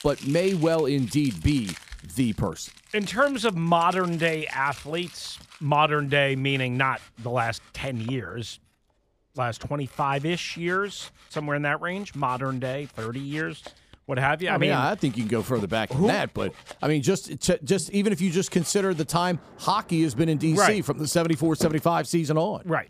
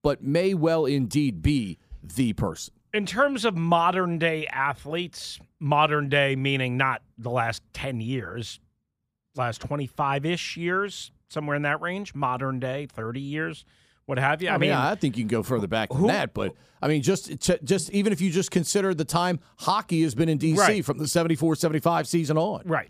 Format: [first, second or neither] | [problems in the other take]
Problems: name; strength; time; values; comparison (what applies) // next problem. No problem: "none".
second | household noises; noticeable; throughout; 20 dB below the speech